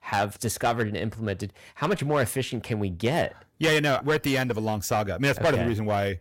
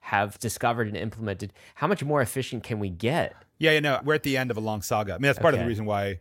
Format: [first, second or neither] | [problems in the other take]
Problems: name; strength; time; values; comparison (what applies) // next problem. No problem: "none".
second | distortion; slight; 7% of the sound clipped